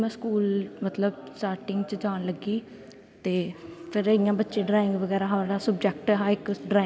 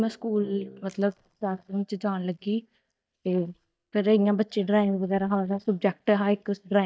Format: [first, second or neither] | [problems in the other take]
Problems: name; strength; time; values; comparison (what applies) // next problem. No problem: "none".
first | noise reduction (neural mask model DeepFilterNet 3)